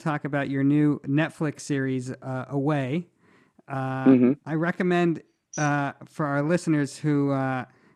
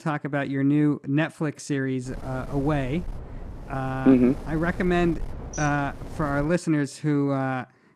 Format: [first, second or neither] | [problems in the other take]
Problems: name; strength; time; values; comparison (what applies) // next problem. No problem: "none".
first | wind noise on the microphone; occasional gusts; from 2 to 6.5 s; 15 dB below the speech